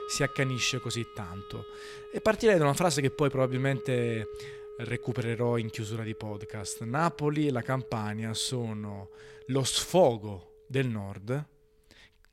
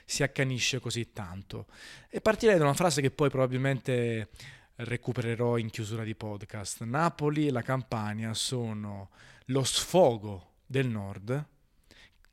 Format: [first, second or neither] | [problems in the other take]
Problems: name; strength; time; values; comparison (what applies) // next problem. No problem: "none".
second | background music; noticeable; throughout; 15 dB below the speech